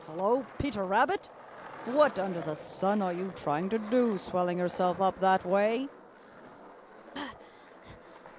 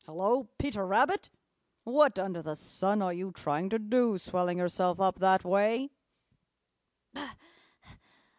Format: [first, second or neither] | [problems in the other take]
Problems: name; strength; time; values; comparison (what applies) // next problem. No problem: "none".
second | background sound (Skateboard); 16 dB below the speech